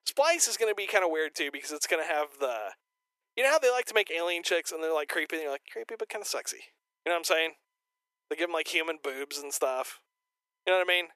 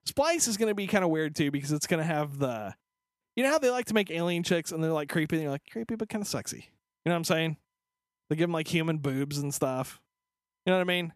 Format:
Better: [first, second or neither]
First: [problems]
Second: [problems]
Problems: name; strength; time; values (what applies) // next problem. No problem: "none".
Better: second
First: thin; very; fading below 400 Hz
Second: none